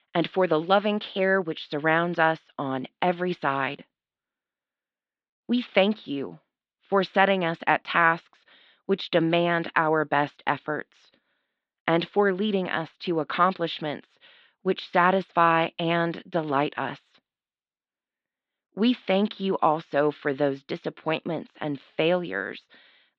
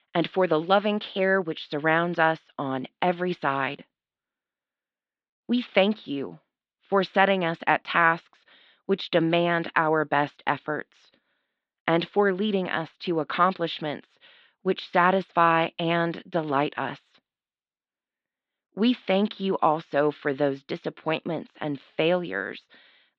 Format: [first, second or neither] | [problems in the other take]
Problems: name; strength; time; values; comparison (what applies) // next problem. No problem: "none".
neither | muffled; slightly; fading above 3.5 kHz; the same in both